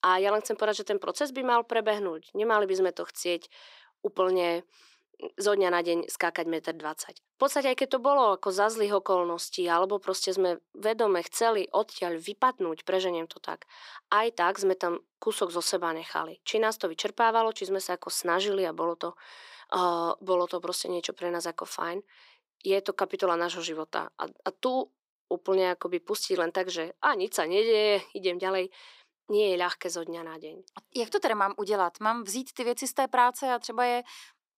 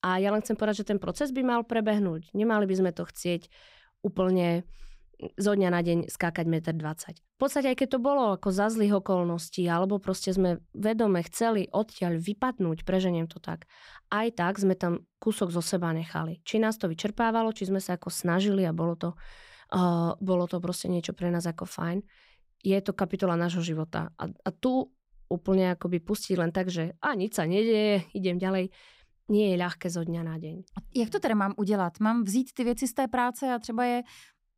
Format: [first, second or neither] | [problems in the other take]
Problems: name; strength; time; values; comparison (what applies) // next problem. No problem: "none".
second | thin; very; fading below 350 Hz